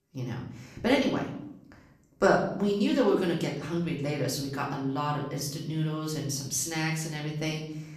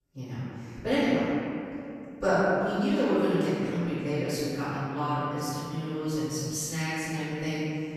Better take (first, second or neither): first